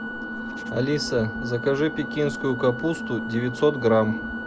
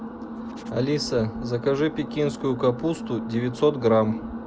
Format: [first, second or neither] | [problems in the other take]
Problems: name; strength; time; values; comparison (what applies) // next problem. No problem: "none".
second | background sound (Organ); 12 dB below the speech